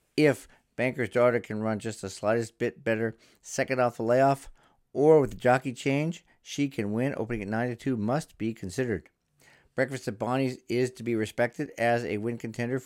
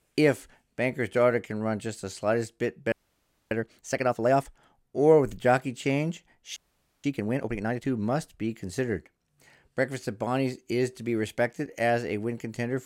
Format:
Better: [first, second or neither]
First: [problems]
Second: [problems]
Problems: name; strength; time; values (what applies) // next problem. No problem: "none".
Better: first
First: none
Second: audio freezing; at 3 s for 0.5 s and at 6.5 s